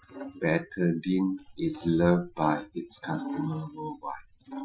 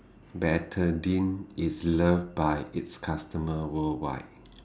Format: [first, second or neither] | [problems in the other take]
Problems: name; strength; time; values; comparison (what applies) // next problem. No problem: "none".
second | noise reduction (classical method Wiener filter)